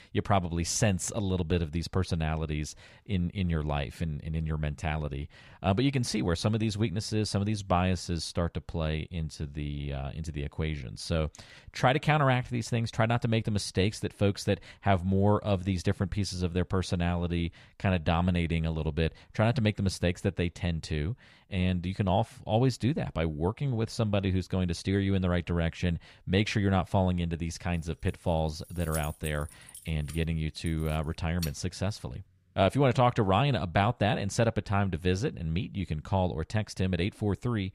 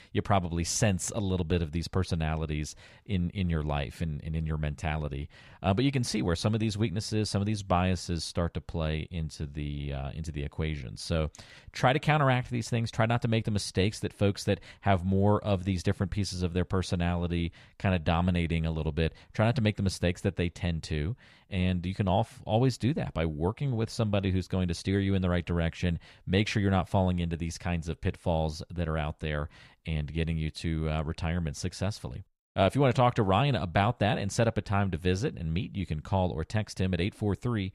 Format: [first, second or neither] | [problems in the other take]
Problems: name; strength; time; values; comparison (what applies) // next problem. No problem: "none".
second | jangling keys; noticeable; from 28 to 31 s; peak 10 dB below the speech